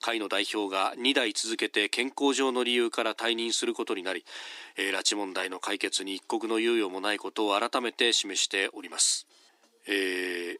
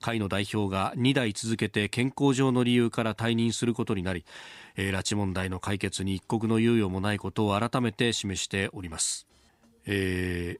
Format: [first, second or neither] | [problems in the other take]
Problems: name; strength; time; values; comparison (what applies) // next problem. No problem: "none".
second | thin; somewhat; fading below 300 Hz